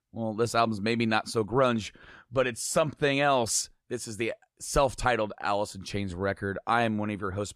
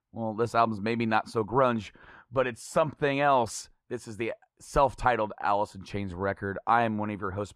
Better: first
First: none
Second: muffled; slightly; fading above 3.5 kHz

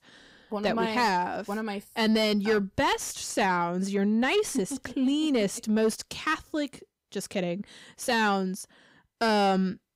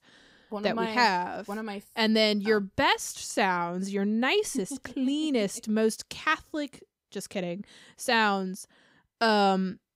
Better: second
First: distortion; slight; 10 dB below the speech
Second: none

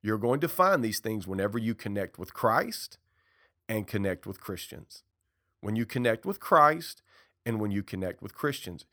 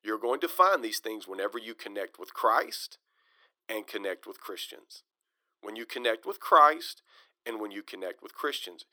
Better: first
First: none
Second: thin; very; fading below 350 Hz

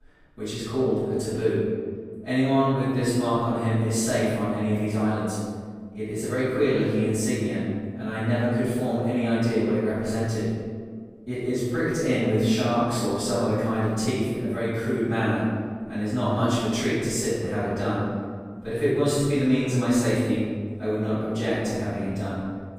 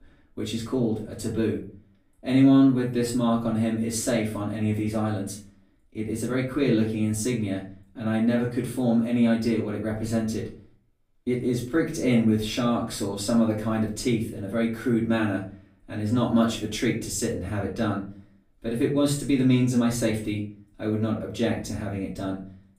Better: second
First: room echo; strong; dies away in 1.7 s // off-mic speech; far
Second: room echo; slight; dies away in 0.4 s // off-mic speech; far

